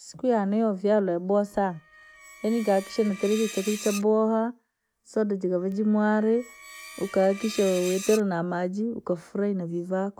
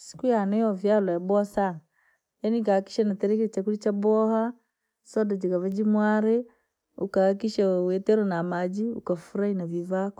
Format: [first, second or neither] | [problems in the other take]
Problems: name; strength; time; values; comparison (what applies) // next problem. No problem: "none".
second | background sound (Screech); 17 dB below the speech